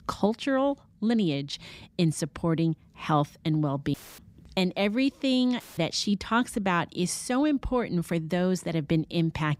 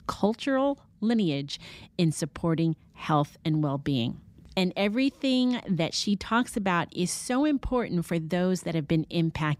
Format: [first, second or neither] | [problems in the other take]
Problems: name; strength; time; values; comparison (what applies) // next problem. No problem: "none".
second | audio cutting out; filled with static; at 4 s and at 5.5 s